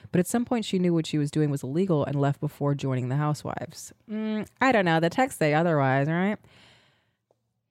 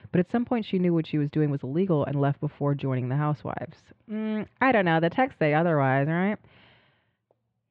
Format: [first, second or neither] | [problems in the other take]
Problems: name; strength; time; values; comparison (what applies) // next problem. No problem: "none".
first | muffled; very; fading above 3 kHz